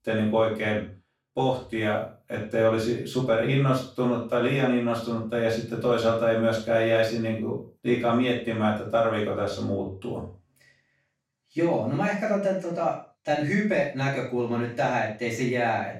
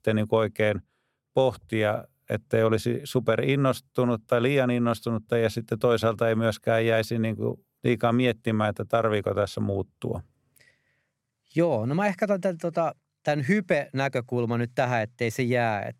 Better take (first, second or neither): second